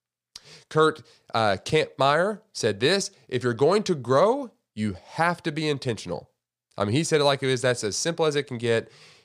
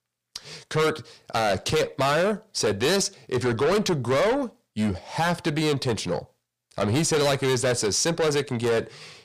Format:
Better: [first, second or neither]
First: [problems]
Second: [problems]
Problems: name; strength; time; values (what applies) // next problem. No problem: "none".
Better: first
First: none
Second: distortion; heavy; 6 dB below the speech